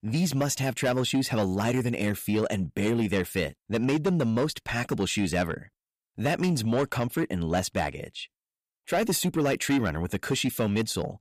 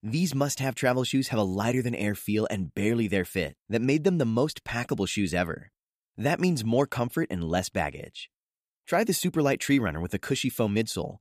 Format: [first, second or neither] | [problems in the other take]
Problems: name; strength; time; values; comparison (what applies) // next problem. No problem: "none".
second | distortion; slight; 10 dB below the speech